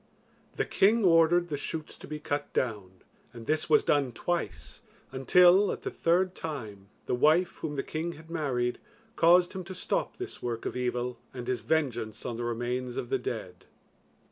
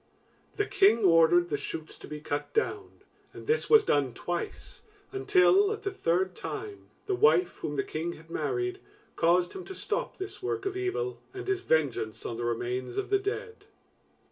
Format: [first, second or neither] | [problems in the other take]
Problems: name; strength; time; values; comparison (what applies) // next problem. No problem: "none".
first | room echo; dies away in 0.2 s